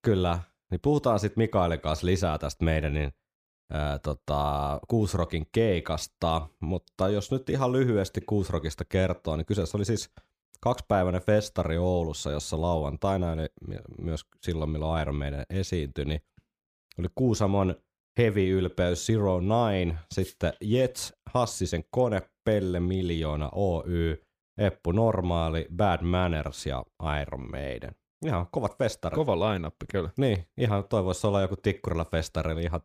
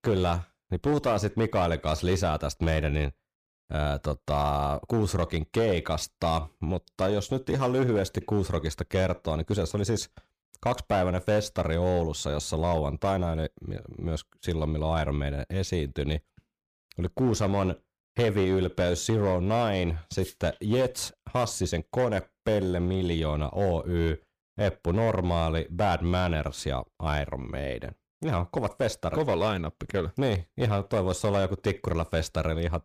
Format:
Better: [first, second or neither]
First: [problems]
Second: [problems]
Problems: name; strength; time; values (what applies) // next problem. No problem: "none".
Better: first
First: none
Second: distortion; slight; 9% of the sound clipped